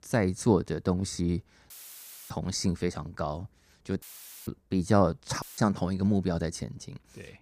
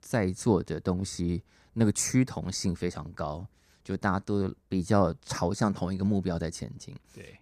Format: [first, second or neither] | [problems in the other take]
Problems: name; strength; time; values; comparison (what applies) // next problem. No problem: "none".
second | audio cutting out; filled with static; at 1.5 s for 0.5 s, at 4 s and at 5.5 s